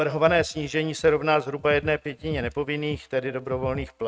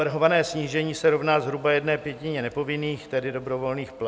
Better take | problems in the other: second | noise reduction (neural mask model RNNoise)

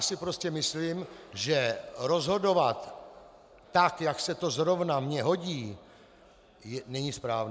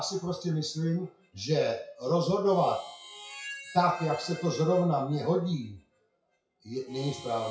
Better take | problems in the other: first | noise reduction (classical method WPE with log-MMSE)

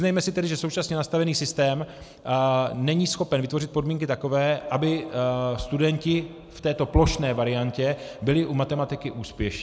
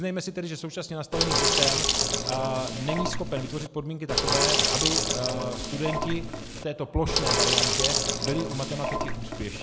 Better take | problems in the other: first | background sound (Sink (filling or washing)); 5 dB above the speech

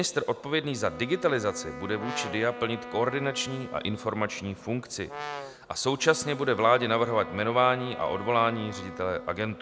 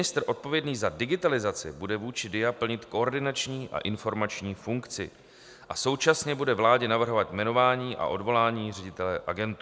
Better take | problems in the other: second | background sound (Wind instrument, woodwind instrument + Brass instrument); 13 dB below the speech

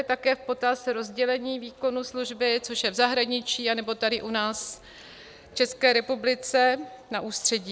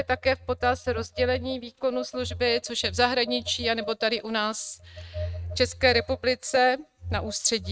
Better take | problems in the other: first | noise reduction (neural mask model RNNoise)

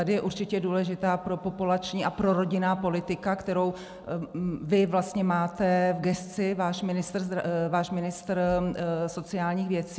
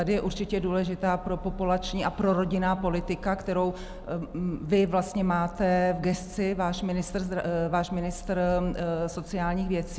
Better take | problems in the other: first | background sound (Subway, metro, underground); 13 dB below the speech

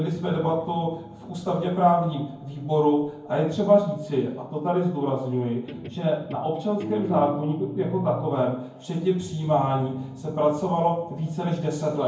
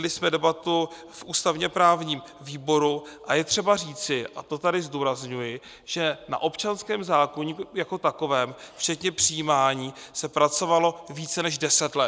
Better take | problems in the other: second | background sound (Guitar); 16 dB below the speech // room echo; dies away in 0.9 s

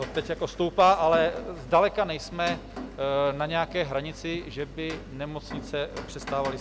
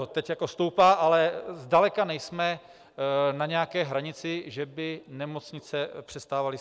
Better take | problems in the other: second | background sound (Rain); 13 dB below the speech

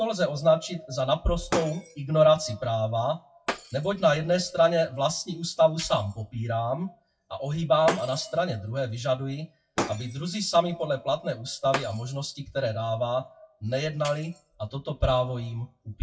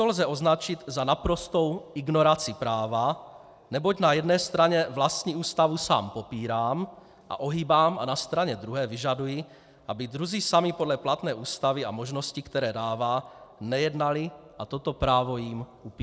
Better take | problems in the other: second | noise reduction (classical method WPE with log-MMSE)

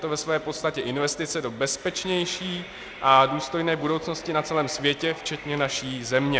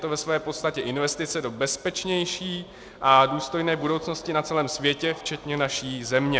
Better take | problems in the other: second | background sound (Train); 18 dB below the speech

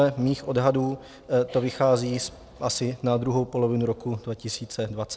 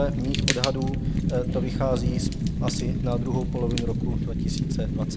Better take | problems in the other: first | background sound (Fire); 5 dB above the speech

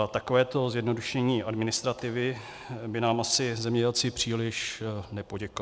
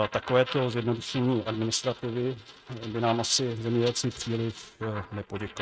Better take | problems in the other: first | noise reduction (neural mask model RNNoise)

